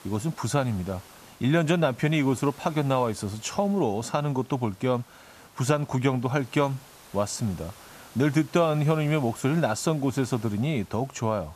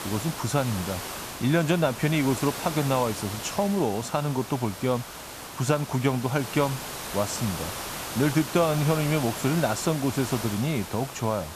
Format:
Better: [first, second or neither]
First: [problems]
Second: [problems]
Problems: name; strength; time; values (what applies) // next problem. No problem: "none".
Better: first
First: hiss; faint; throughout; 25 dB below the speech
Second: hiss; loud; throughout; 8 dB below the speech